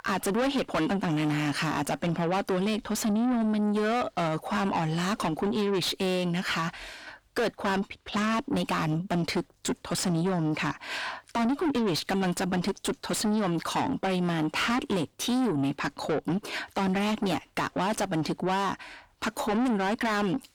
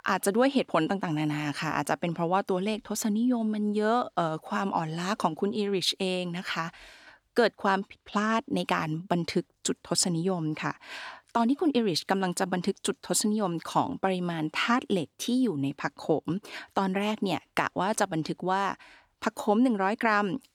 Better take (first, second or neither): second